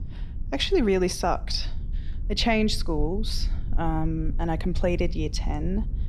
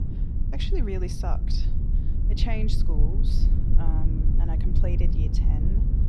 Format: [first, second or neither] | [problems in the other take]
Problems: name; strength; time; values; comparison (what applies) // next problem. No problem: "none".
first | low rumble; loud; throughout; 3 dB below the speech; faint in the first